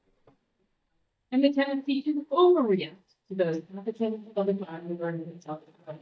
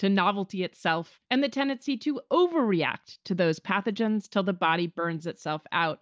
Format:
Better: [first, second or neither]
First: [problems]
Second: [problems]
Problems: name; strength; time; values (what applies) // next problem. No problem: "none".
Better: second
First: noise reduction (neural mask model DeepFilterNet 3)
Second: none